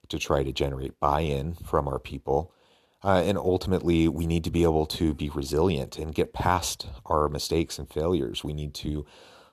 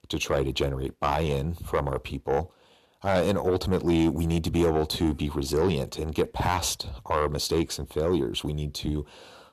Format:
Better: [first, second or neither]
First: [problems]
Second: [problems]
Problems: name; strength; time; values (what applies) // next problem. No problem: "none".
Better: first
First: none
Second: distortion; slight; 10 dB below the speech